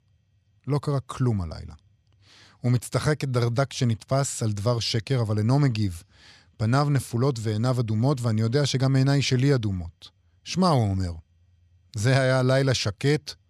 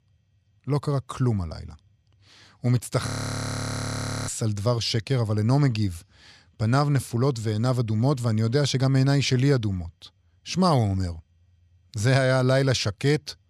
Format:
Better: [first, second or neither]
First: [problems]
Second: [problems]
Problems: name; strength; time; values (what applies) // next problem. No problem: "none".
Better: first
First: none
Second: audio freezing; at 3 s for 1 s